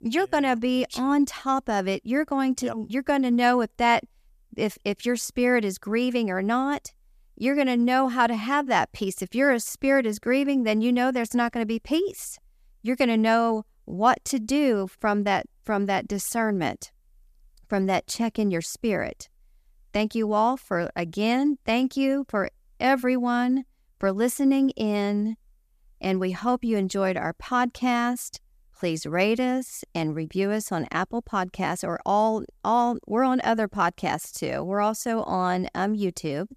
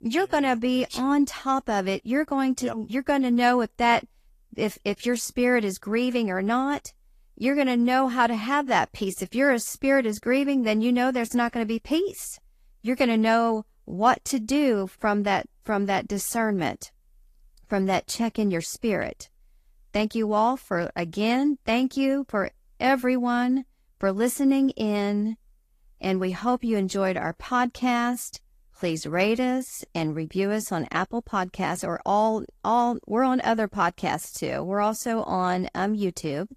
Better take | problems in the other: first | garbled, watery; slightly; nothing above 14.5 kHz

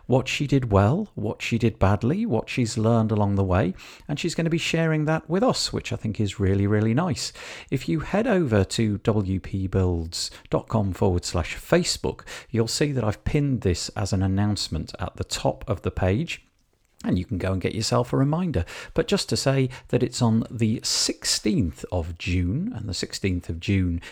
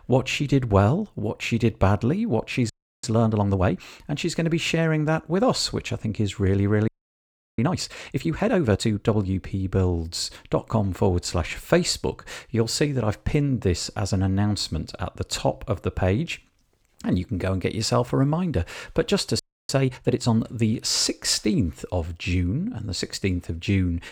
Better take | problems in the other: first | audio freezing; at 2.5 s, at 7 s for 0.5 s and at 19 s

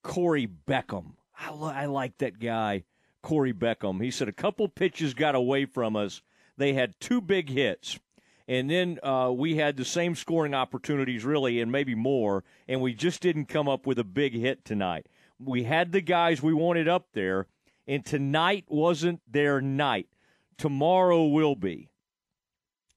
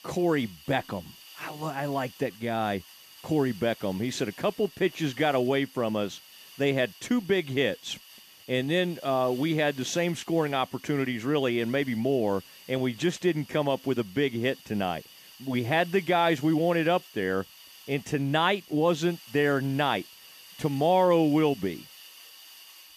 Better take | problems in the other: first | hiss; faint; throughout; 20 dB below the speech

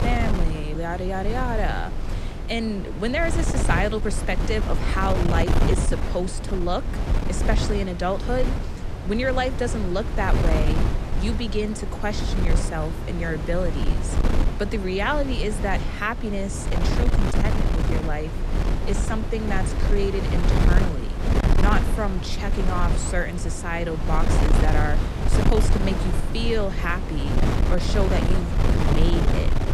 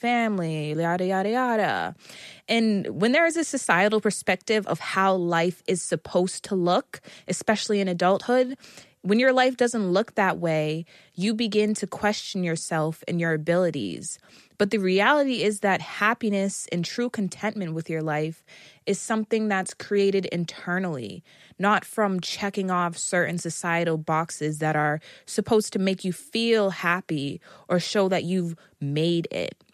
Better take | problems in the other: second | wind noise on the microphone; heavy; 4 dB below the speech

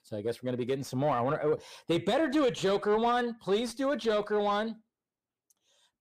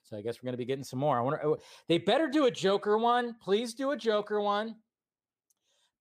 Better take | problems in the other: second | distortion; slight; 10 dB below the speech

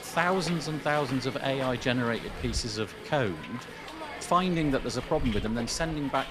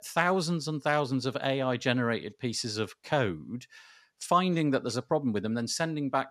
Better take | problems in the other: second | hiss; loud; throughout; 10 dB below the speech

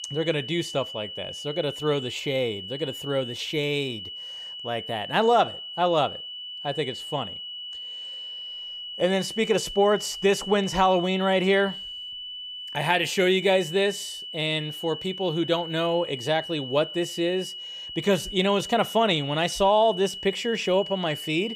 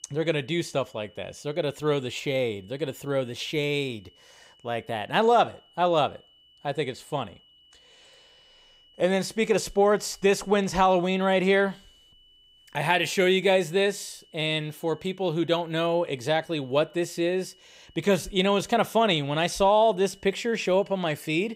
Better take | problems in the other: second | high-pitched whine; loud; throughout; 3 kHz, 9 dB below the speech; faint in the second

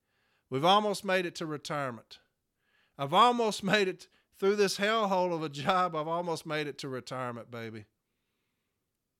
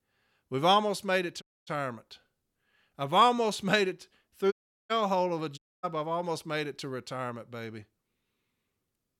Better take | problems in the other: first | audio cutting out; at 1.5 s, at 4.5 s and at 5.5 s

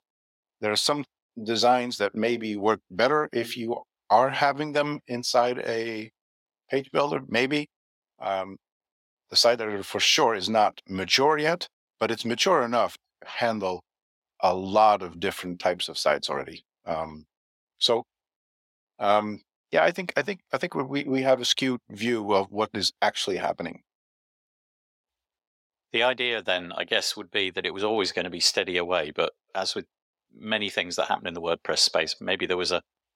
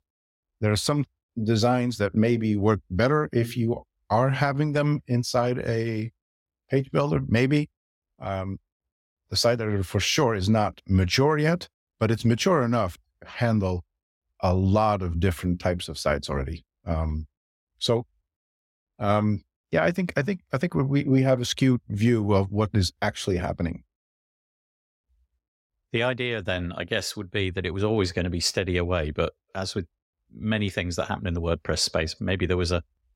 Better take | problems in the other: second | thin; somewhat; fading below 300 Hz

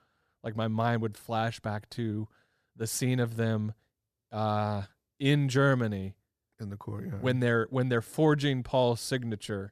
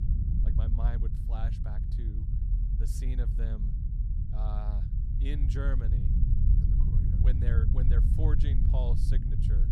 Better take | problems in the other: first | low rumble; loud; throughout; 1 dB below the speech

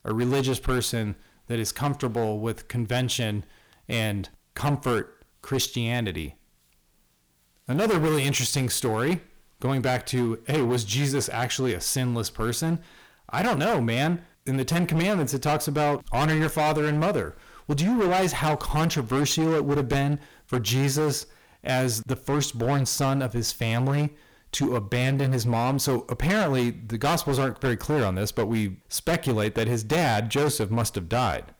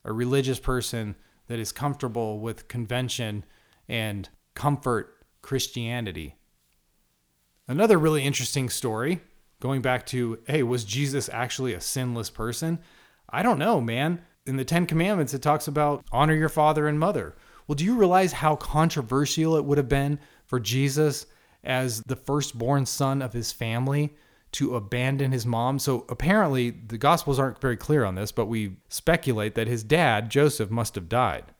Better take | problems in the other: second | distortion; heavy; 15% of the sound clipped

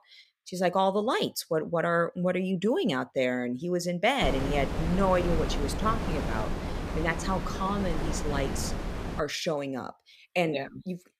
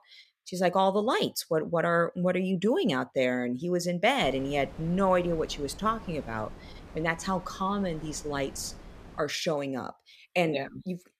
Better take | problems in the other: second | wind noise on the microphone; heavy; from 4 to 9 s; 8 dB below the speech; occasional gusts in the second

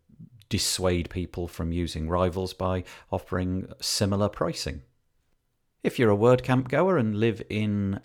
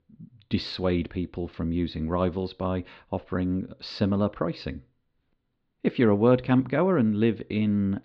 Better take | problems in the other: first | muffled; slightly; fading above 4 kHz

